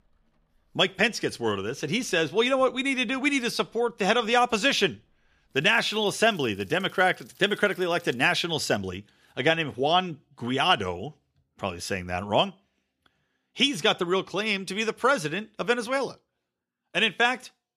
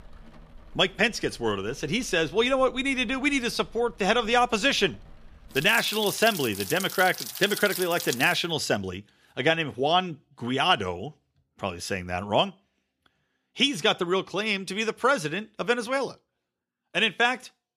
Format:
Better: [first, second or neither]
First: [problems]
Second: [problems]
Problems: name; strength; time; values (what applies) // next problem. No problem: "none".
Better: first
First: rain or running water; faint; until 8.5 s; 30 dB below the speech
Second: rain or running water; loud; until 8.5 s; 8 dB below the speech